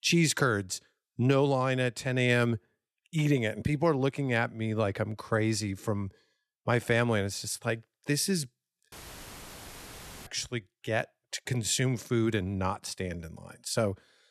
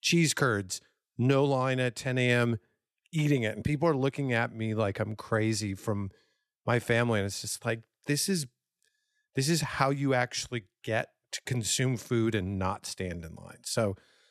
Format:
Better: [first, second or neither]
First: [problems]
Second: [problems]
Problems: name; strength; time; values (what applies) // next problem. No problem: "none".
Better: second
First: audio cutting out; filled with static; at 9 s for 1.5 s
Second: none